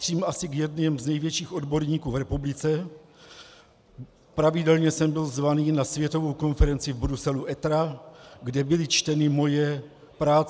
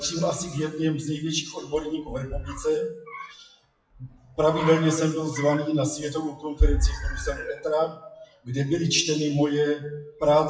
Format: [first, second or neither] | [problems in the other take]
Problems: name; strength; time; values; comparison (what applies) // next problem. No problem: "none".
first | noise reduction (classical method WPE with log-MMSE)